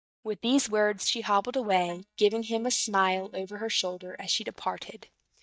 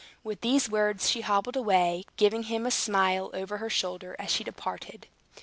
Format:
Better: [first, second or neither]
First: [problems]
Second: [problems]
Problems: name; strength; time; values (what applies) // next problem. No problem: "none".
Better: second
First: noise reduction (neural mask model DeepFilterNet 3)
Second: none